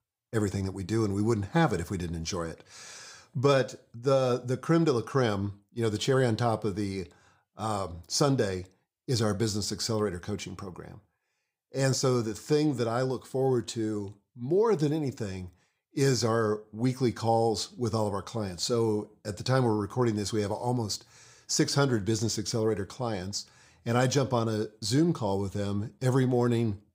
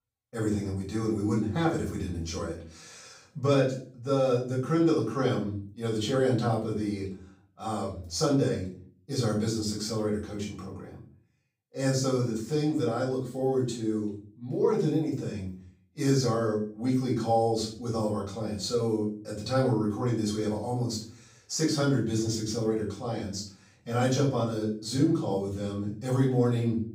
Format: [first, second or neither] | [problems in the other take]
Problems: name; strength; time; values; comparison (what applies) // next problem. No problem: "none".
first | off-mic speech; far // room echo; noticeable; dies away in 0.4 s